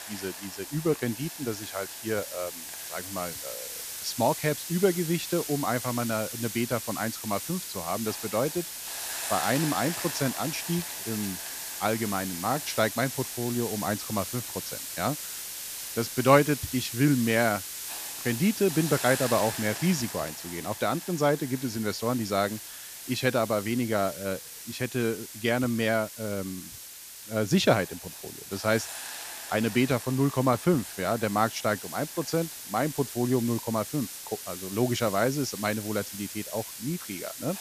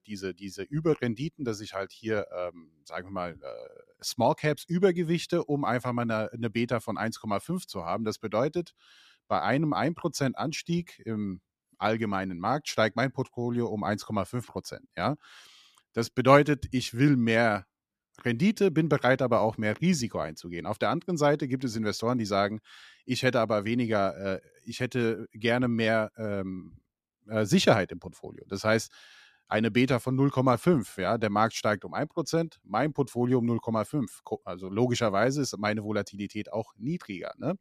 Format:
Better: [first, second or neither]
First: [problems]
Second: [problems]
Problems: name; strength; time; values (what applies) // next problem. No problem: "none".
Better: second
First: hiss; loud; throughout; 7 dB below the speech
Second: none